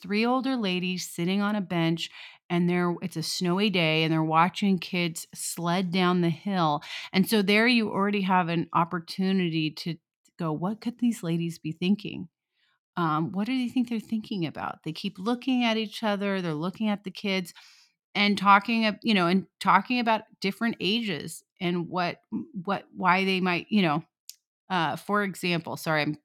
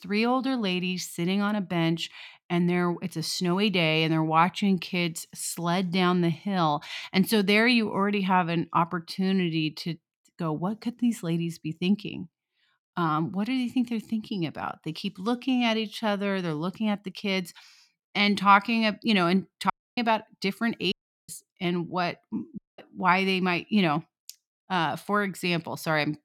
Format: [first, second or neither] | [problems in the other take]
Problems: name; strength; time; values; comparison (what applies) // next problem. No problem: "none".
first | audio cutting out; at 20 s, at 21 s and at 23 s